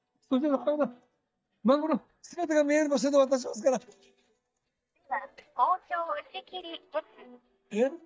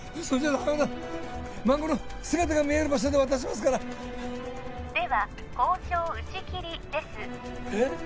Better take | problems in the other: second | noise reduction (neural mask model DeepFilterNet 3)

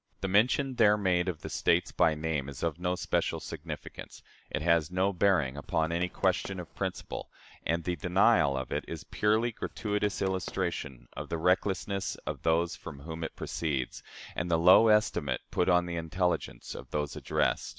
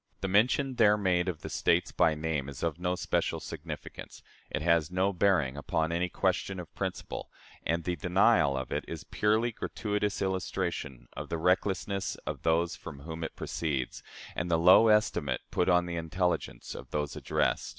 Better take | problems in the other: second | background sound (Run); 20 dB below the speech

